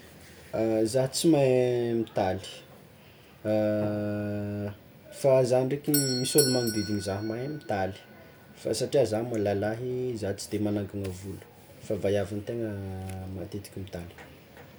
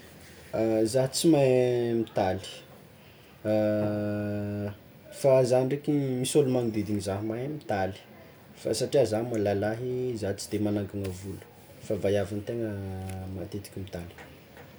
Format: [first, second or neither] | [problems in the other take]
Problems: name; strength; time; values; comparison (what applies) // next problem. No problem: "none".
second | background sound (Doorbell); 14 dB below the speech